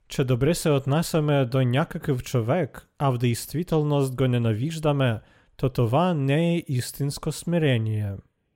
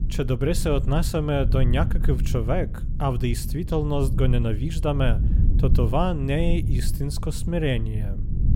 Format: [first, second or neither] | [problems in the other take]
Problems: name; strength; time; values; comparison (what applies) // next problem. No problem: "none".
first | low rumble; noticeable; throughout; 15 dB below the speech